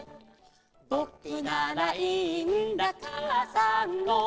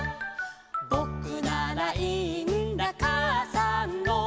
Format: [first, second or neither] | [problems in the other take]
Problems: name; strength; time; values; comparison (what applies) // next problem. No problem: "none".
second | noise reduction (neural separator model SepFormer DNS4)